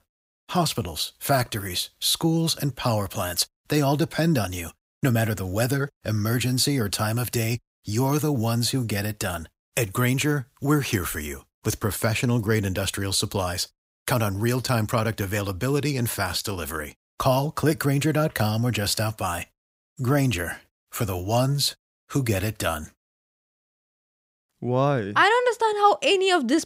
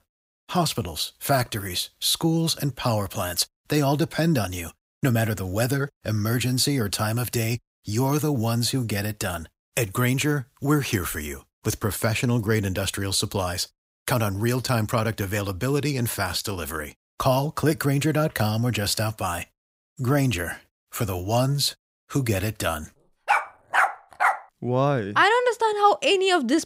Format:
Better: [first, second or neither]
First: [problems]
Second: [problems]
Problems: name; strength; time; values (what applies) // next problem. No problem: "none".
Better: first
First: none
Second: dog barking; loud; from 23 to 24 s; peak 2 dB above the speech